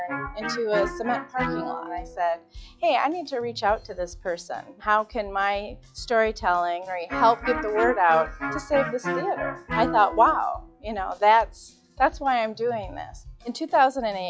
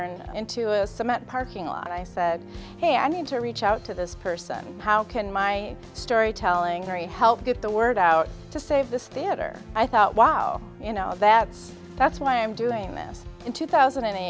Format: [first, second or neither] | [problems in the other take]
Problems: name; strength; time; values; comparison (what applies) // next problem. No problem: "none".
second | noise reduction (classical method log-MMSE)